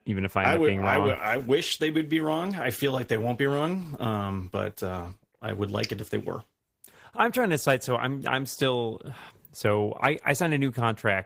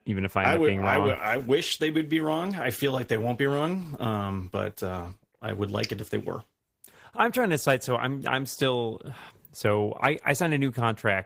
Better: neither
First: garbled, watery; slightly; nothing above 15.5 kHz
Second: garbled, watery; slightly; nothing above 15.5 kHz

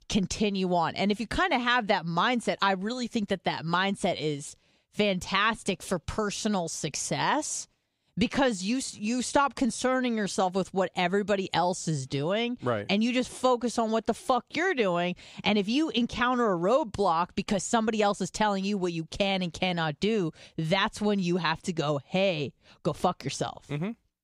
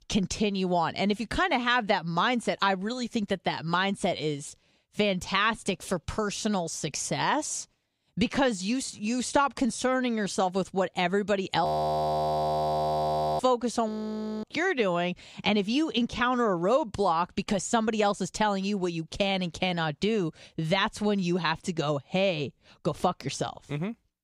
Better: first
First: none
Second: audio freezing; at 12 s for 1.5 s and at 14 s for 0.5 s

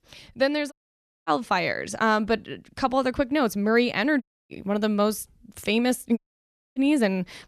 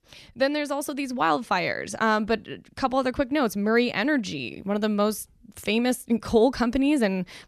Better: second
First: audio cutting out; at 0.5 s for 0.5 s, at 4 s and at 6 s for 0.5 s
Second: none

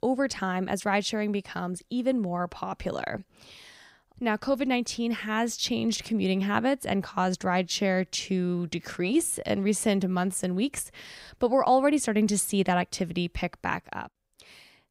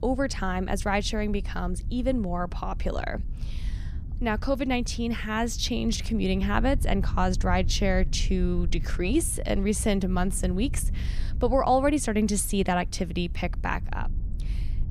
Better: first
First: none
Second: low rumble; faint; throughout; 20 dB below the speech

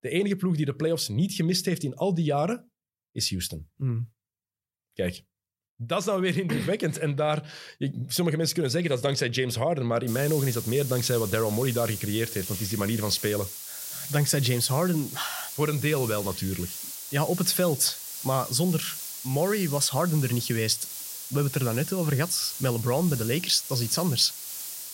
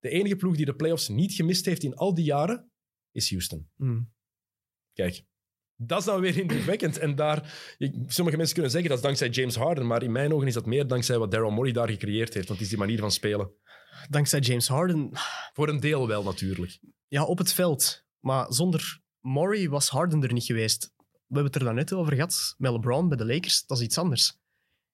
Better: second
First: hiss; loud; from 10 s on; 8 dB below the speech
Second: none

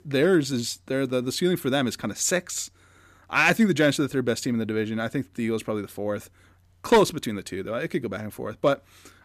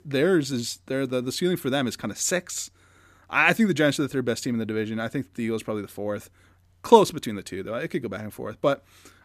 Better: second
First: distortion; slight; 0.6% of the sound clipped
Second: none

